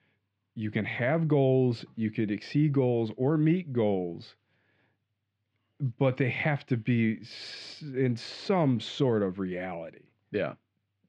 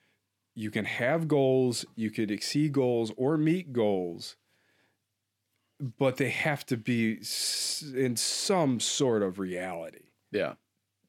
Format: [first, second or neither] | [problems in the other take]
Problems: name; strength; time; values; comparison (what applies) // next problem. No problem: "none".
second | muffled; slightly; fading above 3.5 kHz